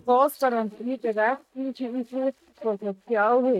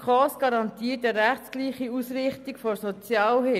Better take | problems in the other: second | noise reduction (neural mask model DeepFilterNet 3)

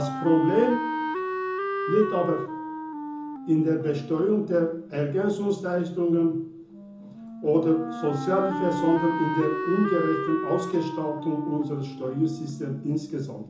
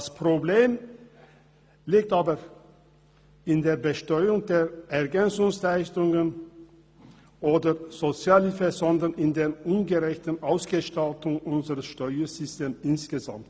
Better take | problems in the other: second | background sound (Wind instrument, woodwind instrument); 6 dB below the speech // room echo; dies away in 0.6 s

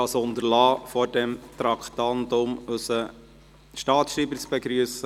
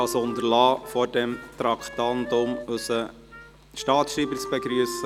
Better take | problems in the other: first | background sound (Wind instrument, woodwind instrument); 12 dB below the speech

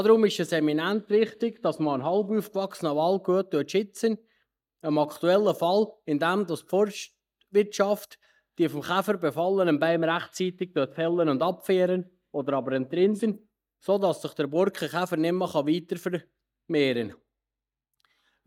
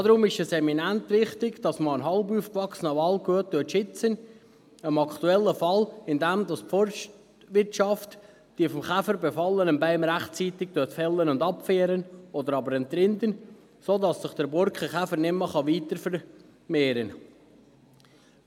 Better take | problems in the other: second | noise reduction (neural mask model DeepFilterNet 3)

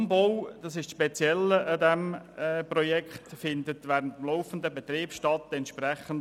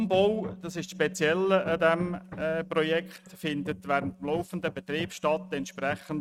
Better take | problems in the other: first | noise reduction (neural mask model RNNoise)

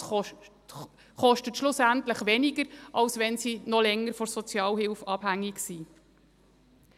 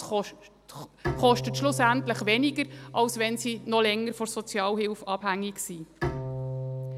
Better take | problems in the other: first | background sound (Bowed string instrument); 9 dB below the speech

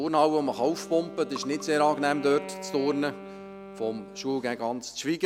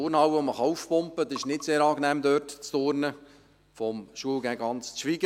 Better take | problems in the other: second | background sound (Wind instrument, woodwind instrument); 15 dB below the speech

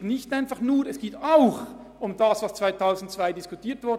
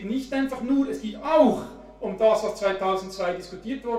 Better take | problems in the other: first | room echo; dies away in 0.3 s

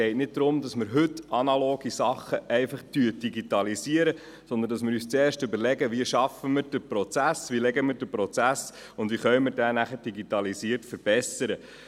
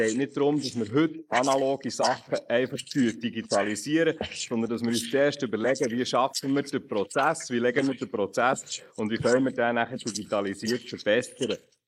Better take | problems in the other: first | noise reduction (neural mask model Resemble Enhance denoiser)

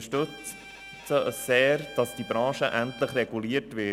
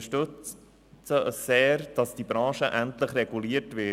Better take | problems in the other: second | background sound (Bowed string instrument); 18 dB below the speech

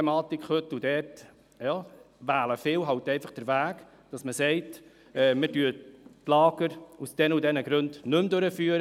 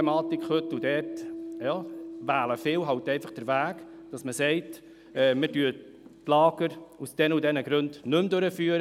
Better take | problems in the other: first | background sound (Piano); 13 dB below the speech

